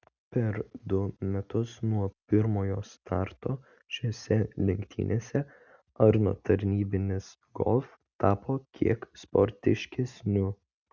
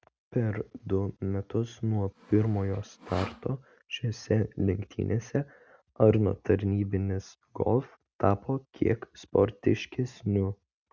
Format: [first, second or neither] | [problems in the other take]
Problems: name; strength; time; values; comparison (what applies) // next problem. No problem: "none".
first | background sound (Sawing); 18 dB below the speech